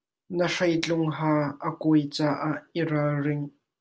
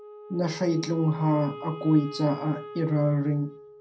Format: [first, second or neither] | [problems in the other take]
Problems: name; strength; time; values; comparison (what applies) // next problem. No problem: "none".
first | background sound (Wind instrument, woodwind instrument); 15 dB below the speech // room echo; dies away in 0.2 s